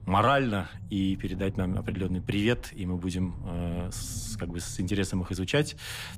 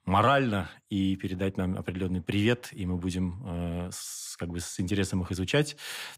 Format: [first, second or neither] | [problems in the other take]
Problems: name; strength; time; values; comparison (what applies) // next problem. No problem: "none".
second | low rumble; faint; throughout; 20 dB below the speech